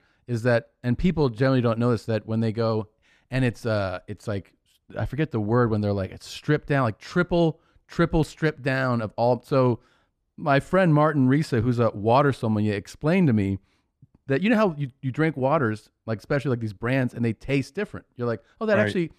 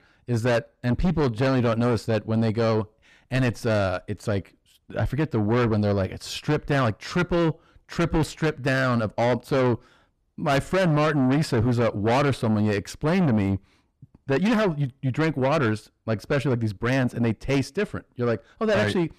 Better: first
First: none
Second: distortion; heavy; 7 dB below the speech

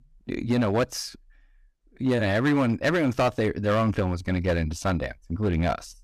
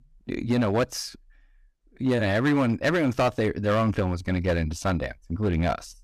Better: neither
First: distortion; slight; 7% of the sound clipped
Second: distortion; slight; 7% of the sound clipped

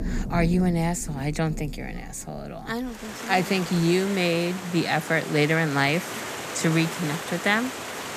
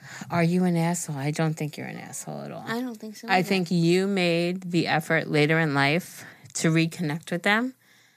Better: second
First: rain or running water; loud; throughout; 9 dB below the speech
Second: none

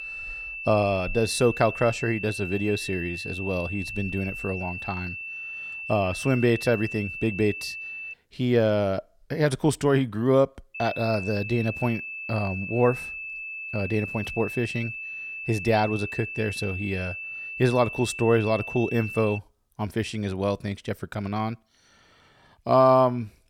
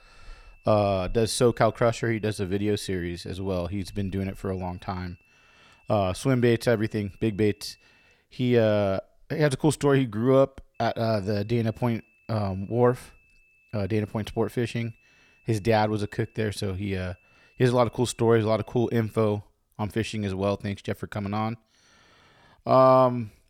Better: second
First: high-pitched whine; loud; until 8 s and from 11 to 19 s; 2.5 kHz, 8 dB below the speech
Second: high-pitched whine; faint; until 8 s and from 11 to 19 s; 2.5 kHz, 35 dB below the speech

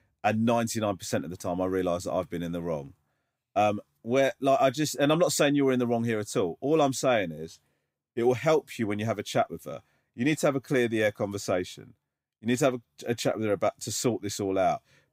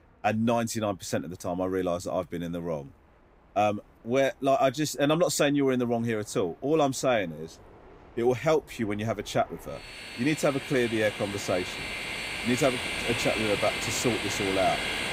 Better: first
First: none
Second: train or aircraft noise; loud; throughout; 4 dB below the speech

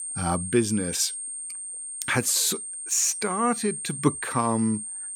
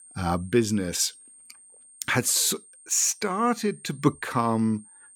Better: second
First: high-pitched whine; loud; throughout; 8.5 kHz, 6 dB below the speech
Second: high-pitched whine; faint; throughout; 8.5 kHz, 25 dB below the speech

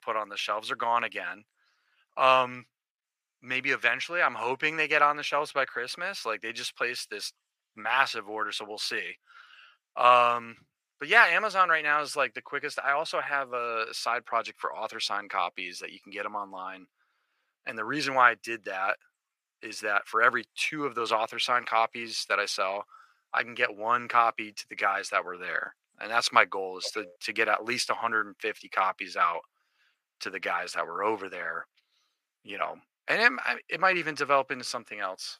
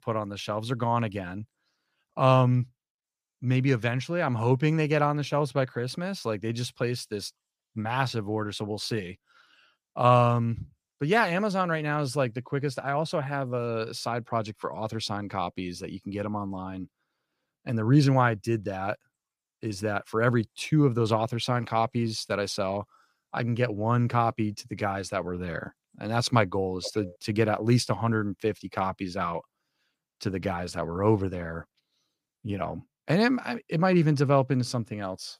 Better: second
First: thin; very; fading below 600 Hz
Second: none

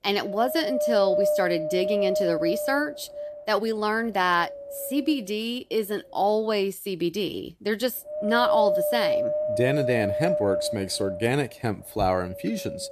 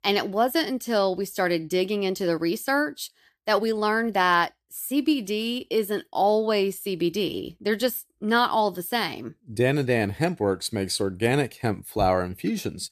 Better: second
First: wind noise on the microphone; heavy; as loud as the speech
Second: none

